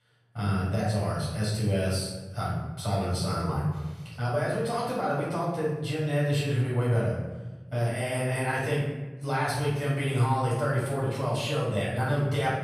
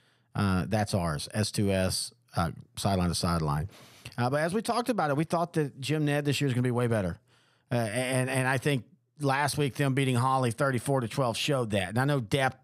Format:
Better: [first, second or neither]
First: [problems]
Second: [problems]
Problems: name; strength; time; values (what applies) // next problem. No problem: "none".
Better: second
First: off-mic speech; far // room echo; noticeable; dies away in 1.1 s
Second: none